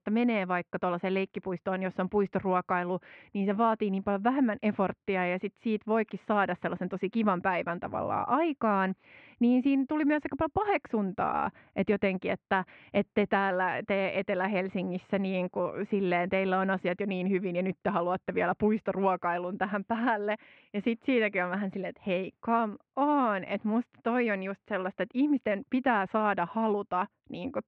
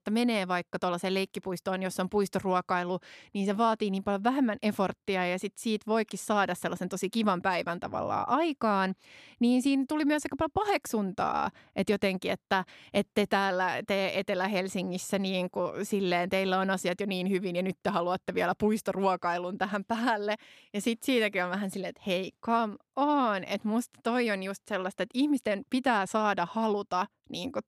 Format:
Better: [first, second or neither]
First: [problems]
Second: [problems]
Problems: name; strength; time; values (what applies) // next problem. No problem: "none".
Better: second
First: muffled; very; fading above 2.5 kHz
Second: none